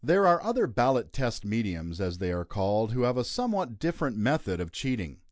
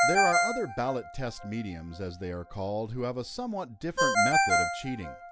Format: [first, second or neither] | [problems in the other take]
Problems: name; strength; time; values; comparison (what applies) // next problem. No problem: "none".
first | background sound (Ringtone); 3 dB above the speech